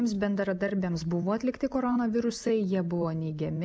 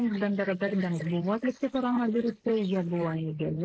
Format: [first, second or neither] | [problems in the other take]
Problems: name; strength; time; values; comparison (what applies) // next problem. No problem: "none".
first | noise reduction (neural mask model Resemble Enhance denoiser)